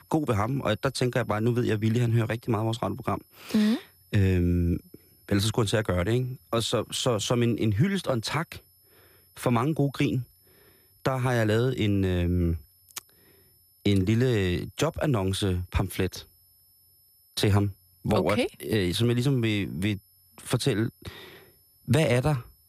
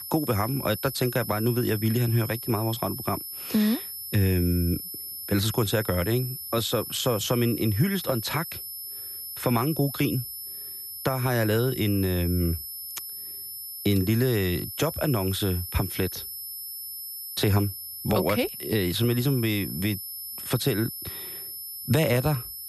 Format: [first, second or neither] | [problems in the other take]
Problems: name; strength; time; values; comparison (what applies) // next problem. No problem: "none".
first | high-pitched whine; loud; throughout; 12 kHz, 8 dB below the speech; faint in the first